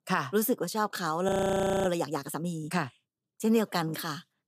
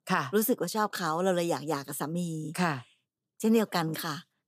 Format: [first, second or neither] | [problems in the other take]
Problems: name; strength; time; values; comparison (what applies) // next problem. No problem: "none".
second | audio freezing; at 1.5 s for 0.5 s